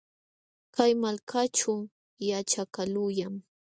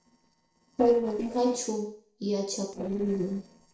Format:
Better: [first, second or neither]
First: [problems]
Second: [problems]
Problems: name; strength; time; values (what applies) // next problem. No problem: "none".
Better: first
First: none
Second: noise reduction (neural separator model SepFormer DNS4)